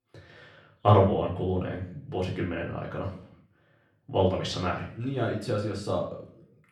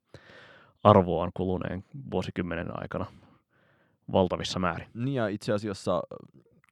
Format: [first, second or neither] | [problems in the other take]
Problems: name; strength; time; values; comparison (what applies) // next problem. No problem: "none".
second | room echo; slight; dies away in 0.5 s // off-mic speech; far